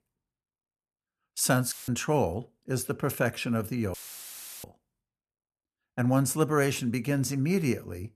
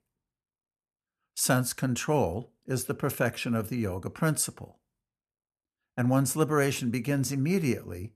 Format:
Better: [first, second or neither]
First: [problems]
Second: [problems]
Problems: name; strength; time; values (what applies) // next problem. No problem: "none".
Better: second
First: audio cutting out; filled with static; at 1.5 s and at 4 s for 0.5 s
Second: none